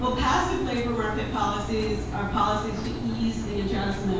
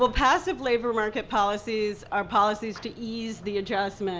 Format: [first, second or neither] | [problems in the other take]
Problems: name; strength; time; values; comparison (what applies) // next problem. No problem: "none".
second | background sound (Engine); 5 dB below the speech // room echo; dies away in 0.6 s